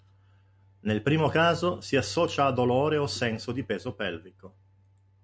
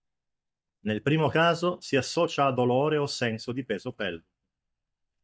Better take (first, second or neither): first